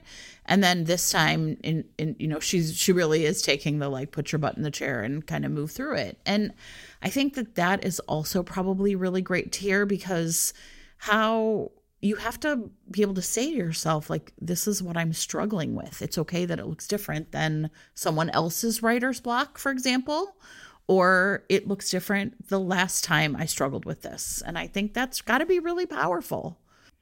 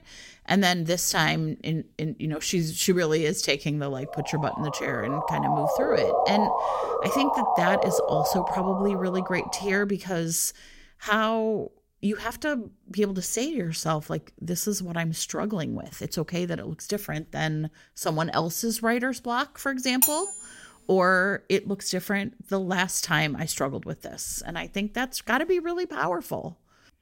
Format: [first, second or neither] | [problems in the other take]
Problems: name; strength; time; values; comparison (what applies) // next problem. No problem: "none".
first | siren; loud; from 4 to 9.5 s; peak 4 dB above the speech // clattering dishes; loud; at 20 s; peak 5 dB above the speech